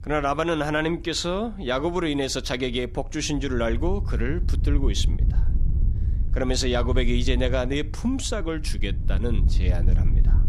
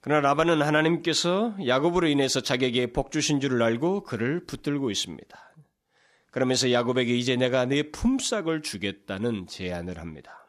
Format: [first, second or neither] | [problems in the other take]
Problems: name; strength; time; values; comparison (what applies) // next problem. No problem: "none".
second | wind noise on the microphone; occasional gusts; 15 dB below the speech